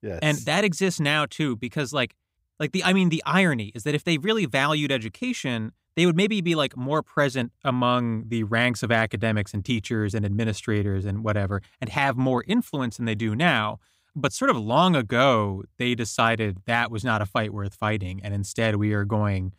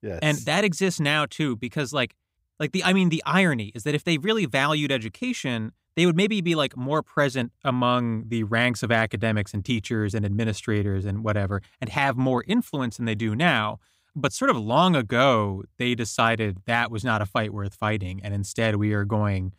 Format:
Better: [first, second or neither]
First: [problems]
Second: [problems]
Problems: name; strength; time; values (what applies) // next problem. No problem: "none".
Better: neither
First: none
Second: none